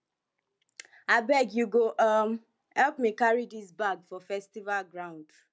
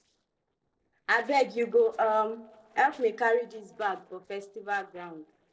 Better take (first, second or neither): first